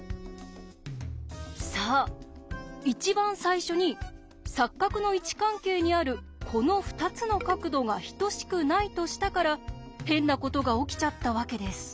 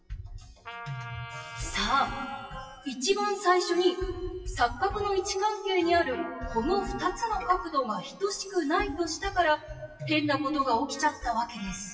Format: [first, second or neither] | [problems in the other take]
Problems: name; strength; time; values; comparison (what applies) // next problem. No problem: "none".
first | noise reduction (classical method WPE with log-MMSE)